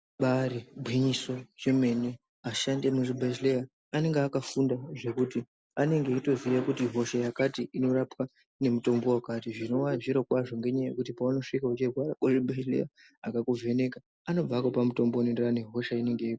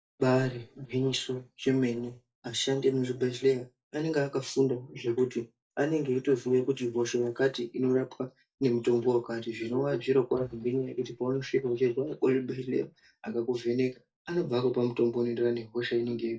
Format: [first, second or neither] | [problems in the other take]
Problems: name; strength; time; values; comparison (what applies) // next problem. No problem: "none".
first | noise reduction (neural mask model DeepFilterNet 3)